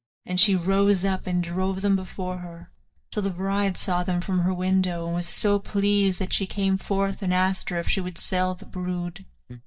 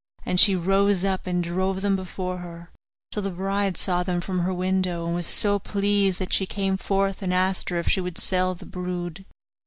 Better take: second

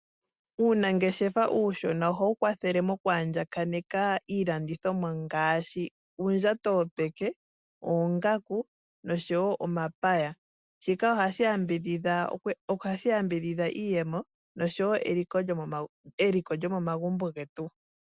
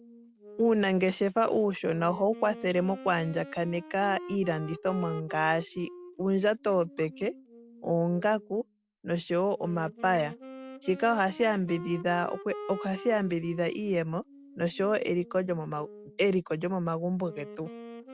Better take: first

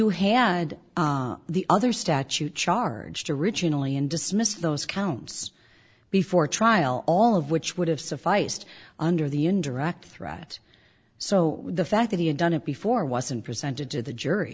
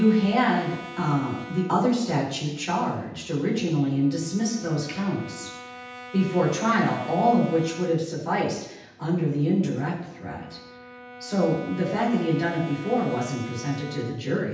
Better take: first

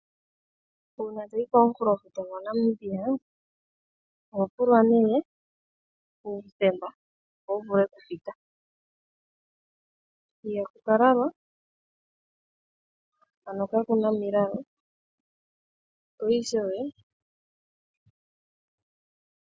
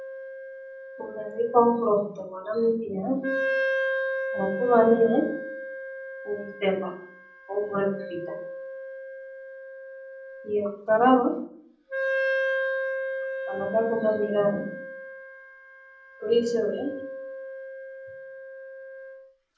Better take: first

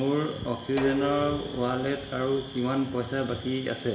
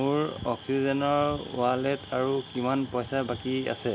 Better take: second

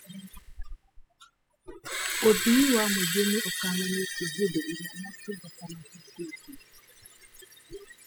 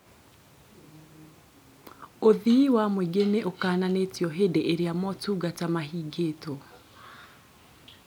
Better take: second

